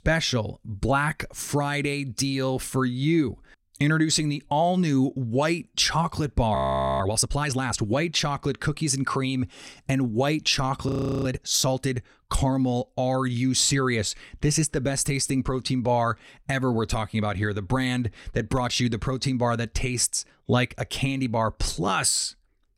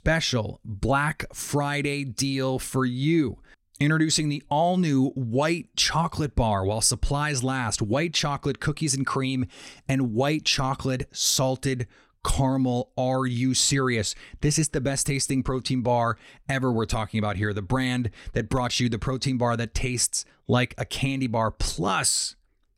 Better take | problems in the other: second | audio freezing; at 6.5 s and at 11 s

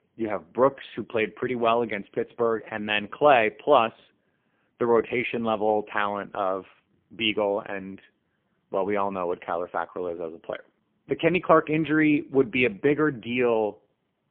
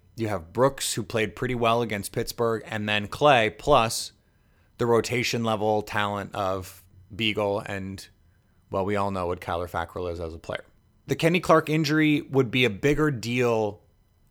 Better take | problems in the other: second | phone-call audio; poor line; nothing above 3.5 kHz

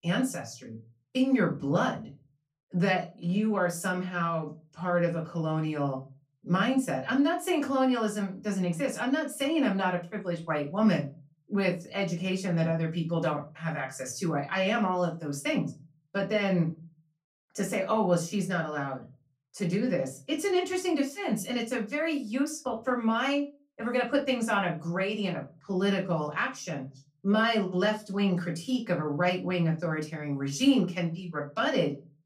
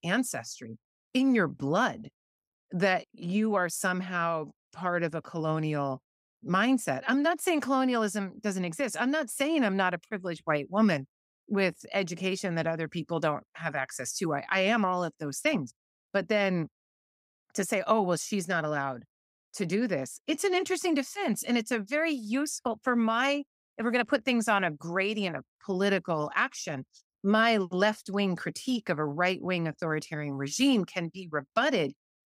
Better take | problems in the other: second | off-mic speech; far // room echo; very slight; dies away in 0.3 s

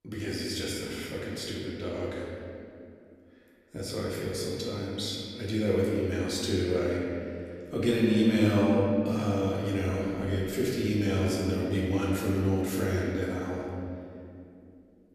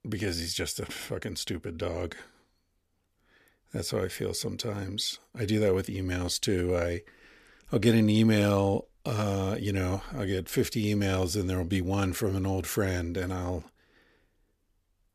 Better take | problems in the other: second | room echo; noticeable; dies away in 2.3 s // off-mic speech; far

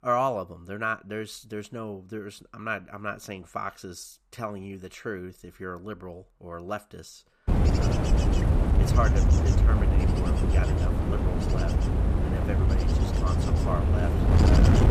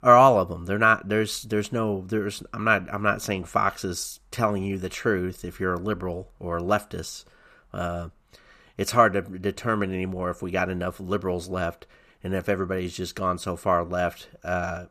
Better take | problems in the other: second | wind noise on the microphone; heavy; from 7.5 s on; 1 dB above the speech

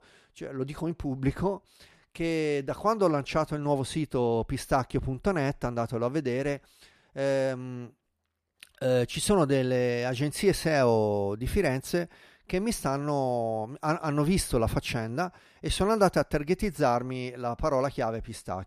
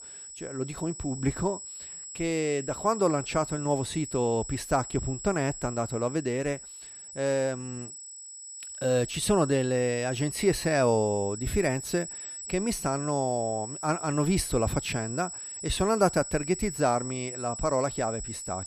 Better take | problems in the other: first | high-pitched whine; loud; throughout; 8 kHz, 9 dB below the speech

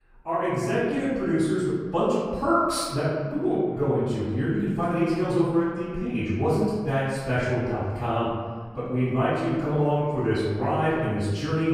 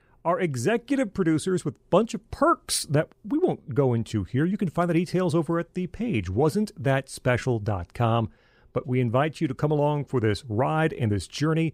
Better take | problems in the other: second | off-mic speech; far // room echo; strong; dies away in 1.4 s

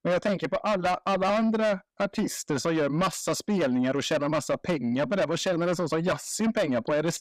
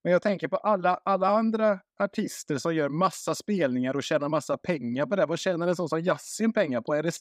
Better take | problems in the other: second | distortion; heavy; 8 dB below the speech

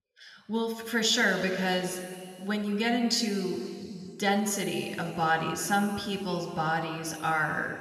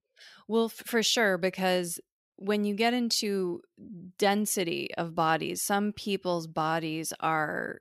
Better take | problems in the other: second | room echo; noticeable; dies away in 2.4 s

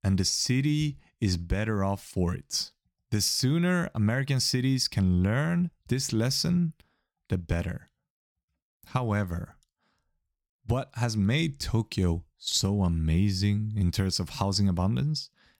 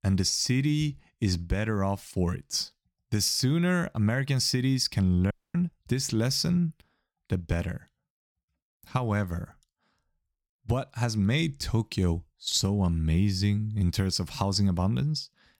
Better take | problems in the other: first | audio cutting out; at 5.5 s

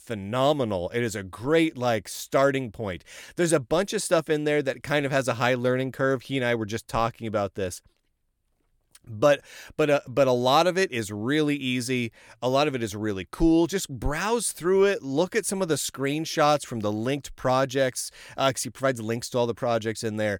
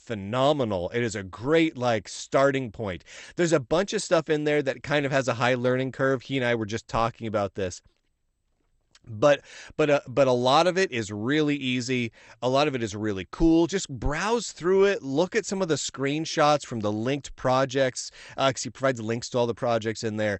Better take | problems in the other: first | garbled, watery; slightly; nothing above 8 kHz

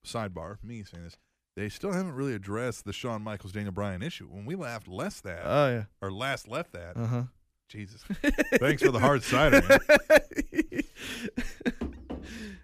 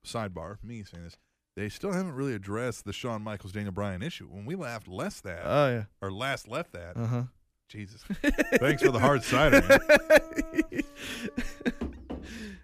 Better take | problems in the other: first | background music; noticeable; throughout; 20 dB below the speech

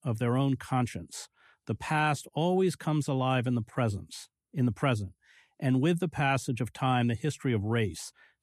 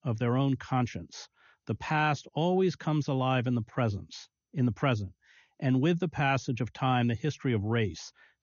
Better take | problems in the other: first | garbled, watery; slightly; nothing above 6.5 kHz

